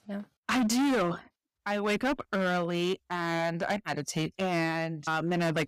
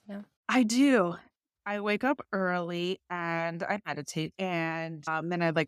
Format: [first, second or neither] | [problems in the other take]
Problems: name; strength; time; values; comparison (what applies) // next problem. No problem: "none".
second | distortion; heavy; 14% of the sound clipped